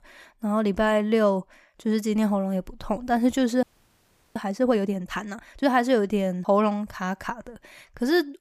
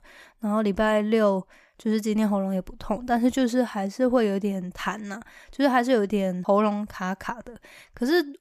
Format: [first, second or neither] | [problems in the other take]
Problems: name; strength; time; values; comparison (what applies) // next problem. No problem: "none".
second | audio freezing; at 3.5 s for 0.5 s